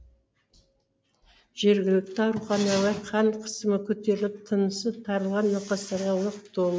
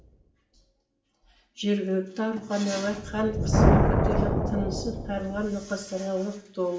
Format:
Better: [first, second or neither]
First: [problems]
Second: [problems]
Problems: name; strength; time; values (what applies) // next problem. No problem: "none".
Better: first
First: none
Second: background sound (Thunder); 2 dB above the speech // room echo; dies away in 0.7 s